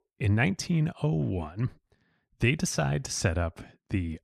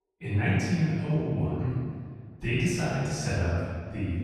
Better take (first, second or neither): first